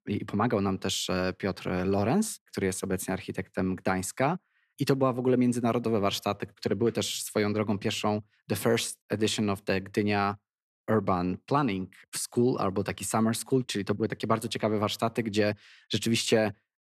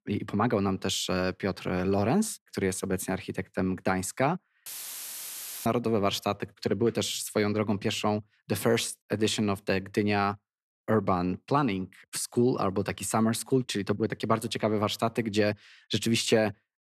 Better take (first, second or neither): first